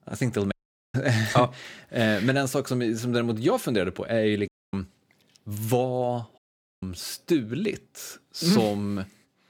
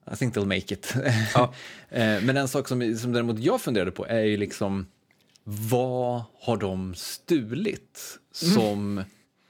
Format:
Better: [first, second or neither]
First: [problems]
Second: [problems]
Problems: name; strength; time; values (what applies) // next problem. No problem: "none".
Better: second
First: audio cutting out; at 0.5 s, at 4.5 s and at 6.5 s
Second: none